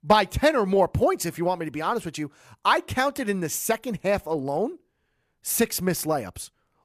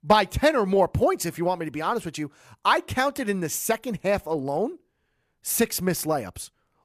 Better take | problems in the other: neither | none

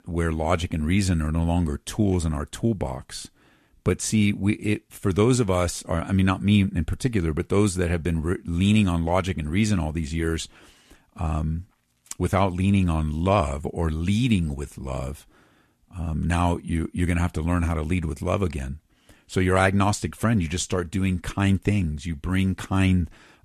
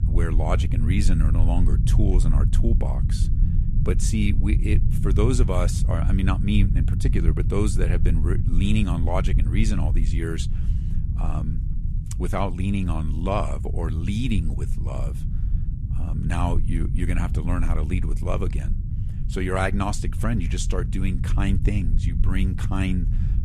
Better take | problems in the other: first | low rumble; loud; throughout; 9 dB below the speech

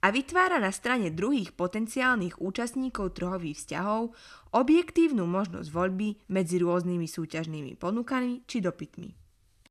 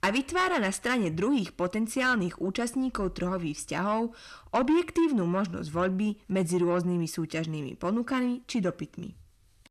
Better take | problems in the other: first | distortion; slight; 10 dB below the speech

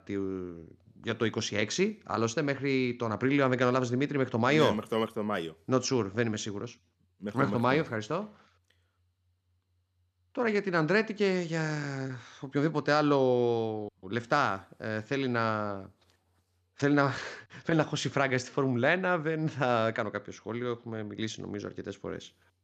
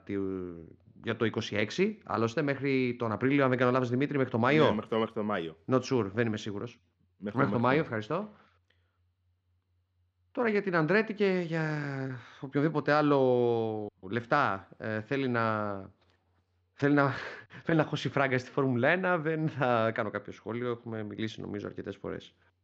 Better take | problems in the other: first | muffled; slightly; fading above 3.5 kHz

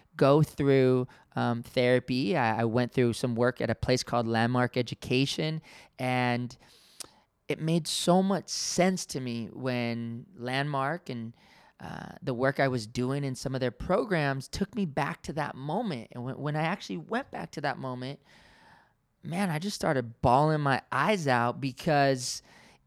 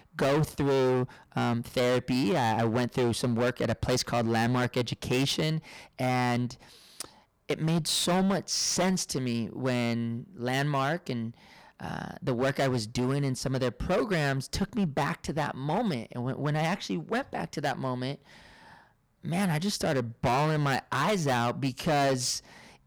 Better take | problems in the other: first | distortion; heavy; 13% of the sound clipped

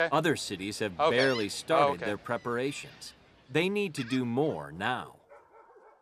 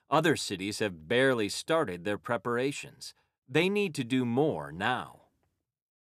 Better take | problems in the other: second | animal sounds; very loud; throughout; as loud as the speech

